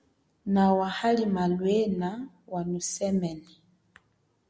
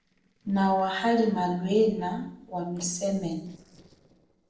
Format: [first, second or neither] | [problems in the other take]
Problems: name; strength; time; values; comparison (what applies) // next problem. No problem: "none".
first | noise reduction (neural separator model SepFormer DNS4)